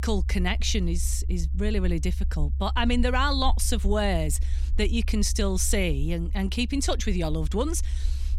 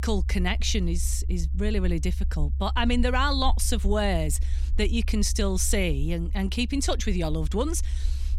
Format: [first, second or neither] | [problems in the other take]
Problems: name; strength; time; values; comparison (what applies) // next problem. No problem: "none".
neither | low rumble; faint; throughout; 20 dB below the speech; the same in both